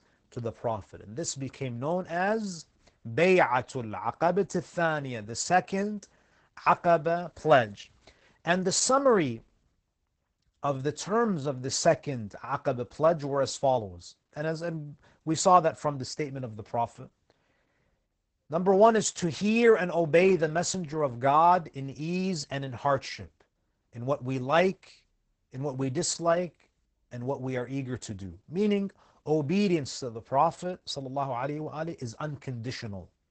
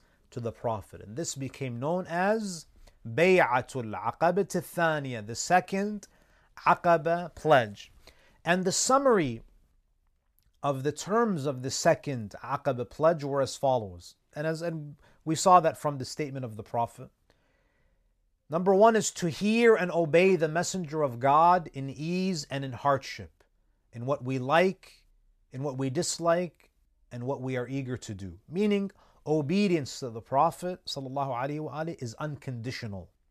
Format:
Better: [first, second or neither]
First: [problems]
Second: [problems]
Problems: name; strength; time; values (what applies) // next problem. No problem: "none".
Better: second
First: garbled, watery; badly; nothing above 8 kHz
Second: none